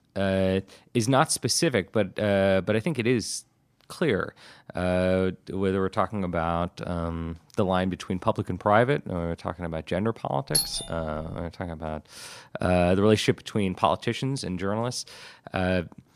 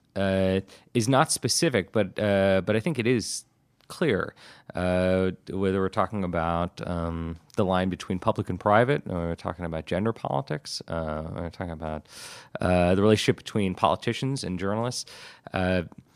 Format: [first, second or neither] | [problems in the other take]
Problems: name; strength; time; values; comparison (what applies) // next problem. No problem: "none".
second | doorbell; loud; at 11 s; peak 1 dB above the speech